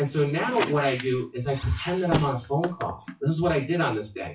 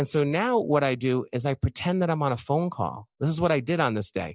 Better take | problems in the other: second | noise reduction (classical method WPE with log-MMSE)

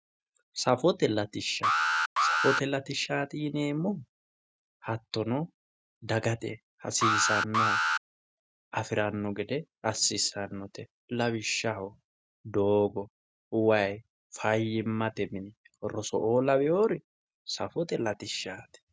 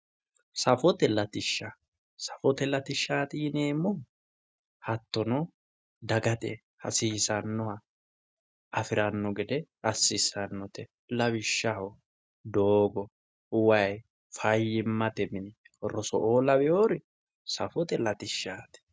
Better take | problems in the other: second | background sound (Alarm); 2 dB above the speech

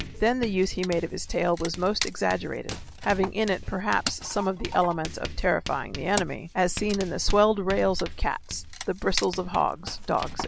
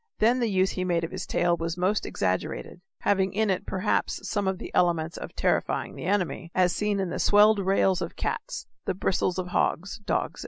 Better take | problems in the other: second | background sound (Writing + Wood); 10 dB below the speech

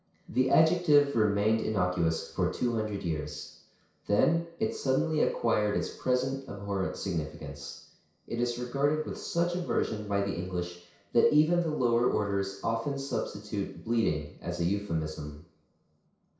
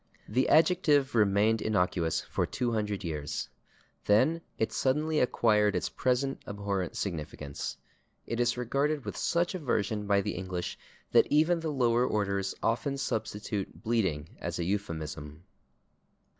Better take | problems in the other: second | room echo; dies away in 0.6 s

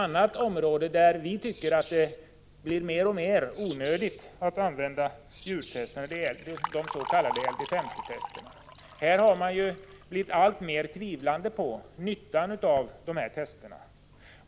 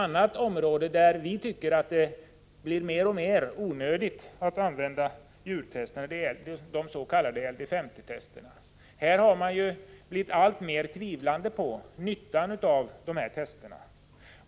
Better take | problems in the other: second | background sound (Wild animals + Liquid); 14 dB below the speech

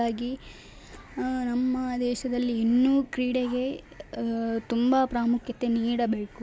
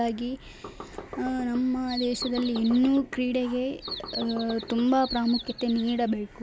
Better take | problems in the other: first | background sound (Bird vocalization, bird call, bird song + Knock); 12 dB below the speech

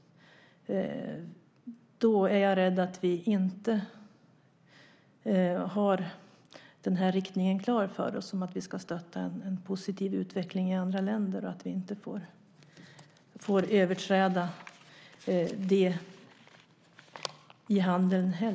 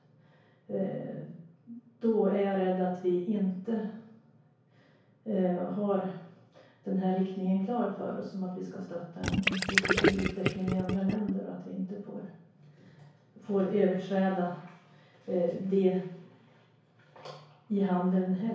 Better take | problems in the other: first | background sound (Gurgling); 2 dB above the speech // room echo; dies away in 0.6 s

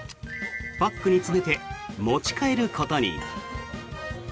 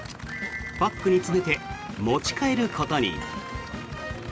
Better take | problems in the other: first | background sound (Idling / Aircraft); 15 dB below the speech

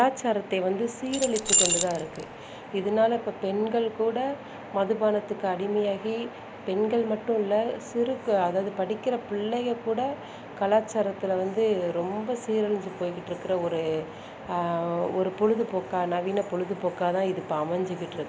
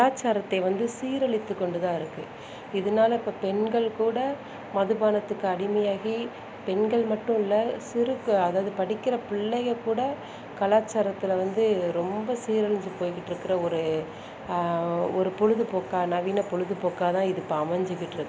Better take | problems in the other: second | background sound (Keys jangling); 1 dB above the speech

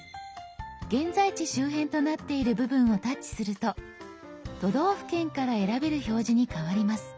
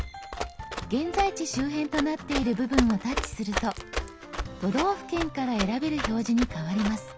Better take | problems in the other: first | background sound (Run); 7 dB below the speech

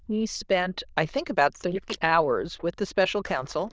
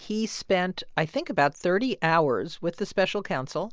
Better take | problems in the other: second | noise reduction (neural diffusion model UNIVERSE++)

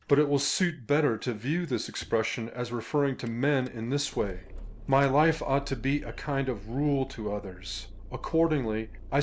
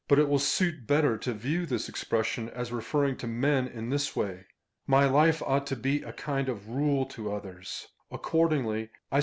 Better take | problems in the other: second | background sound (Idling / Engine starting / Door / Car); 15 dB below the speech

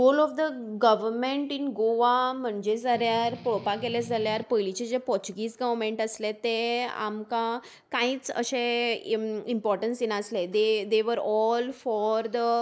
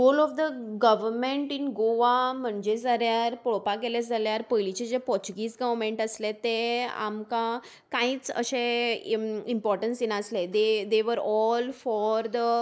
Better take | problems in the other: second | background sound (Strum); 16 dB below the speech

